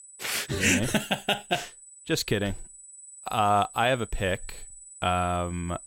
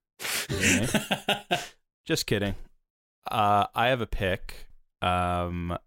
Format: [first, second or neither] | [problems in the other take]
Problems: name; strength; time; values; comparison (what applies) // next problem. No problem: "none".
second | high-pitched whine; noticeable; throughout; 8 kHz, 20 dB below the speech